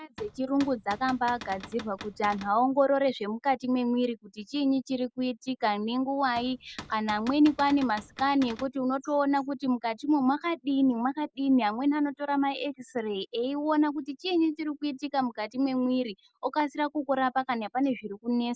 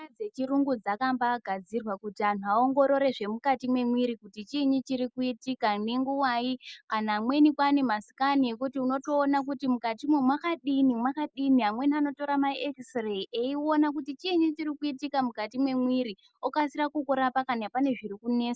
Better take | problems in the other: second | background sound (Cupboard open or close / Door); 16 dB below the speech

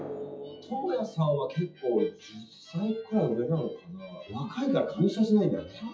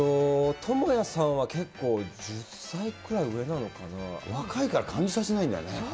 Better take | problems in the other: second | noise reduction (classical method WPE with log-MMSE)

